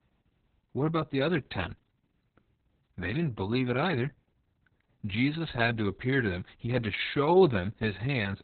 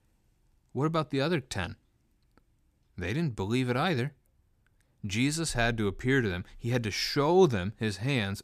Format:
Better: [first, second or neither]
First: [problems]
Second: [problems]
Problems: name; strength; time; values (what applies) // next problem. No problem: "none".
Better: second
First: garbled, watery; badly; nothing above 4 kHz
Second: none